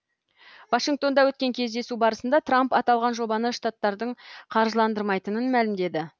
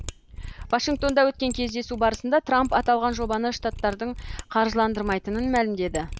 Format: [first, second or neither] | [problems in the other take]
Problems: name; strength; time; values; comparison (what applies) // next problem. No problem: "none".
first | background sound (Mechanisms); 13 dB below the speech